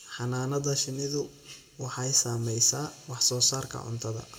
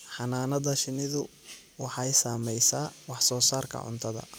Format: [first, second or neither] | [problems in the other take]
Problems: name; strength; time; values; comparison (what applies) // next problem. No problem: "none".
second | room echo; dies away in 0.9 s